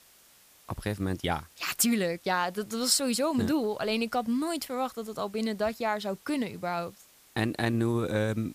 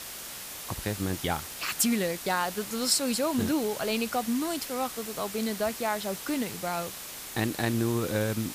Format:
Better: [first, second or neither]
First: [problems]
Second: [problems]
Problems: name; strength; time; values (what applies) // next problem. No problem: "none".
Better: first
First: hiss; faint; throughout; 25 dB below the speech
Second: hiss; loud; throughout; 8 dB below the speech